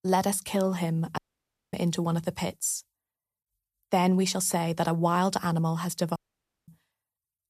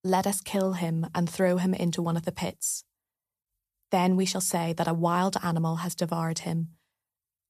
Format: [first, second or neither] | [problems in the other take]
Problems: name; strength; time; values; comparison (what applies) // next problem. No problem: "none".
second | audio cutting out; at 1 s for 0.5 s and at 6 s for 0.5 s